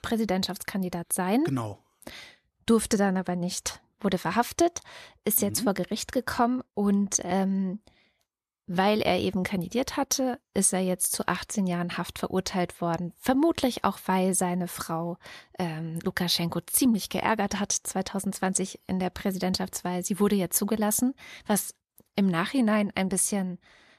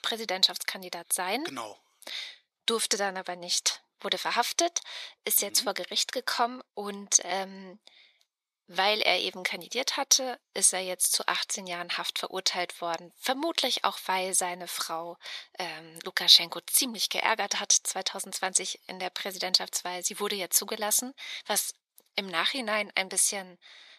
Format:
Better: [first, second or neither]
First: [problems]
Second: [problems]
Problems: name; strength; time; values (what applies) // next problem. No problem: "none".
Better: first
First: none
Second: thin; very; fading below 550 Hz